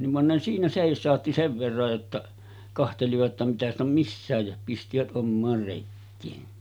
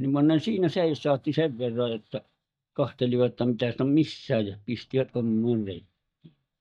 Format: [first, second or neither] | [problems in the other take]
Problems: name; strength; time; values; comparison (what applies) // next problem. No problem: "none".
first | noise reduction (neural mask model DeepFilterNet 3)